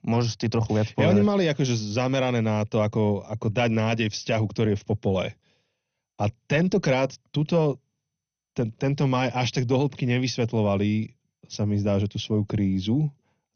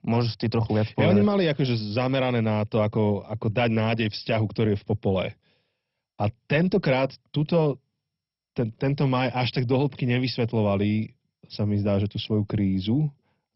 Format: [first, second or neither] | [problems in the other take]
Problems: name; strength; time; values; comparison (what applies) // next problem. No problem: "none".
first | garbled, watery; badly; nothing above 5.5 kHz; slightly in the first